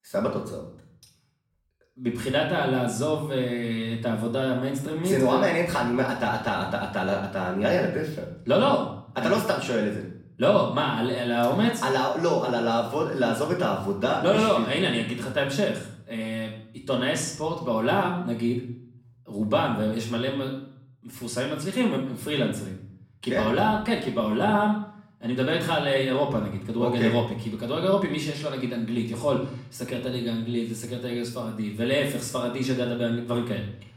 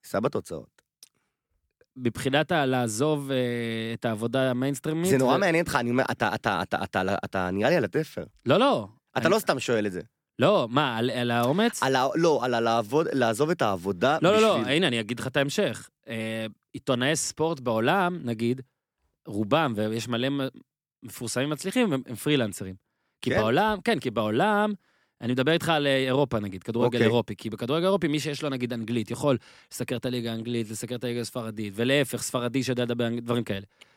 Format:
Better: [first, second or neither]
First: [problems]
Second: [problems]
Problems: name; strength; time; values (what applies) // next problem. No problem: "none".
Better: second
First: room echo; noticeable; dies away in 0.6 s // off-mic speech; far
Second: none